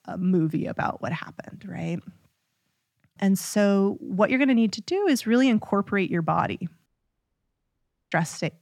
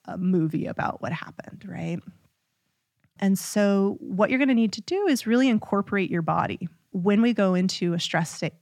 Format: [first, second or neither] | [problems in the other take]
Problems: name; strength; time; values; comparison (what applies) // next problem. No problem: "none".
second | audio cutting out; at 7 s for 1.5 s